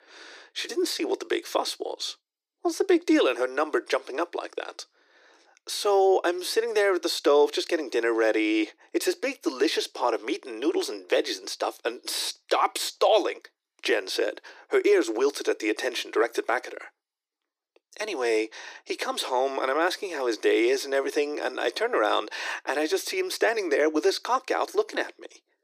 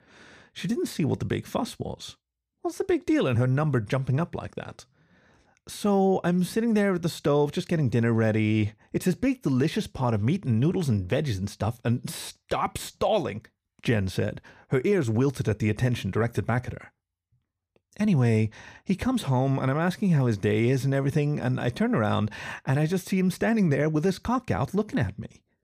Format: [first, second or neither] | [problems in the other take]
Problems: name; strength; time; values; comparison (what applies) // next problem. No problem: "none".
second | thin; very; fading below 300 Hz